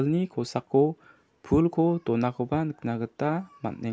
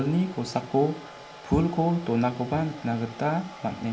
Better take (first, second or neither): first